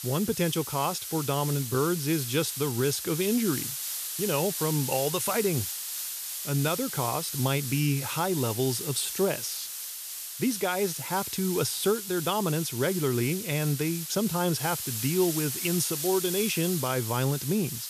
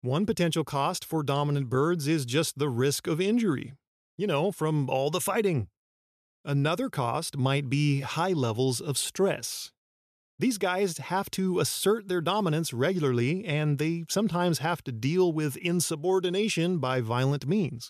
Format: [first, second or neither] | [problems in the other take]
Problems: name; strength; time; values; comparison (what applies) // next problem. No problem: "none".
second | hiss; loud; throughout; 4 dB below the speech